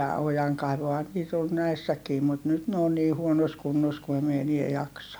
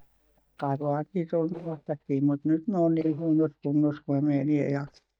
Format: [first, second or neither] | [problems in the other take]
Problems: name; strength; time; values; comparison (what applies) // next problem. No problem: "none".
first | noise reduction (neural mask model DeepFilterNet 3)